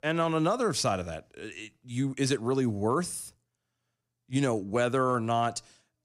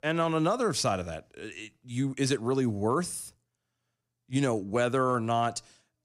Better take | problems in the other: neither | none

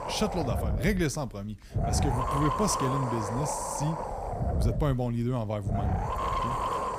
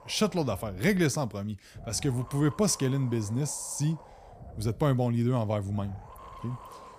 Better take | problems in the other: second | wind noise on the microphone; heavy; 3 dB above the speech; occasional gusts in the second

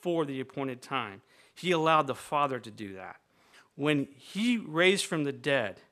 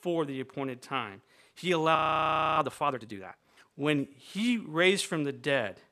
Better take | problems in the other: first | audio freezing; at 2 s for 0.5 s

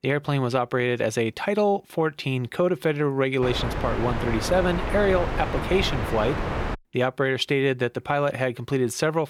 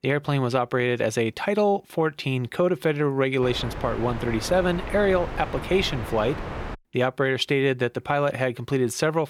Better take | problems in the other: second | wind noise on the microphone; heavy; from 3.5 to 7 s; 5 dB below the speech; occasional gusts in the second

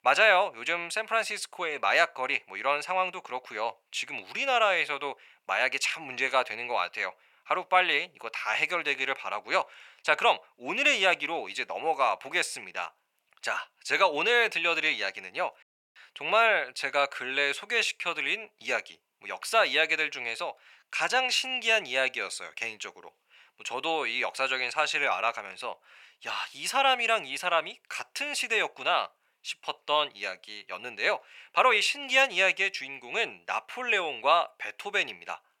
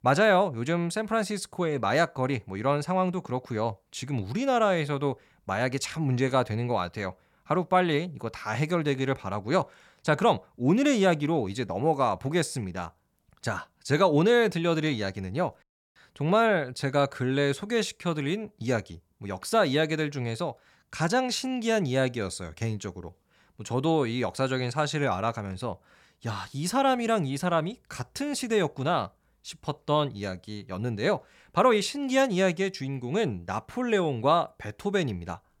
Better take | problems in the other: second | thin; very; fading below 750 Hz

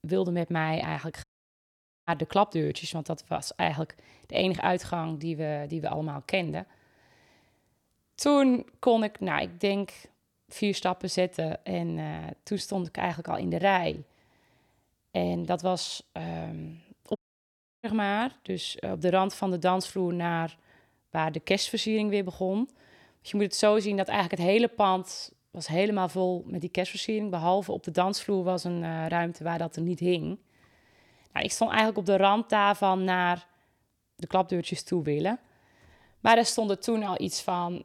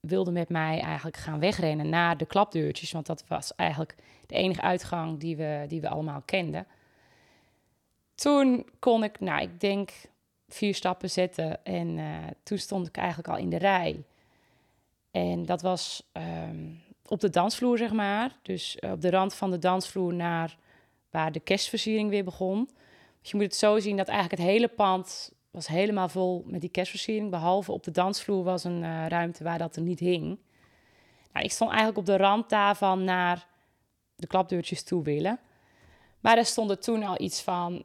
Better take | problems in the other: second | audio cutting out; at 1 s for 1 s and at 17 s for 0.5 s

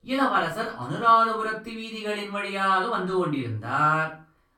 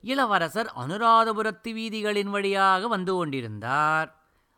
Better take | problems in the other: second | room echo; slight; dies away in 0.3 s // off-mic speech; far

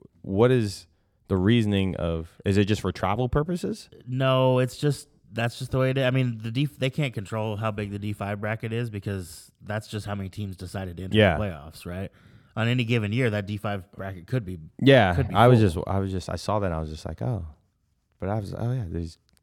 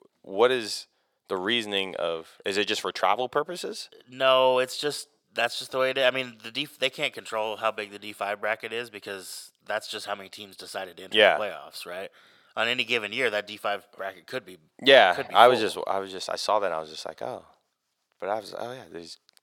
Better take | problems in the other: first | thin; very; fading below 650 Hz

